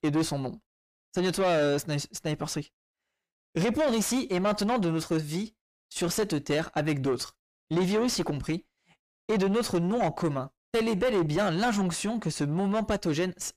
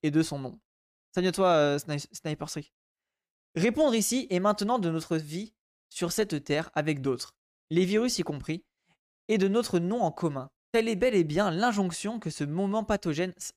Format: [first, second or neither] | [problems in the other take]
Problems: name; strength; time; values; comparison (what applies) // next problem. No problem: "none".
second | distortion; heavy; 7 dB below the speech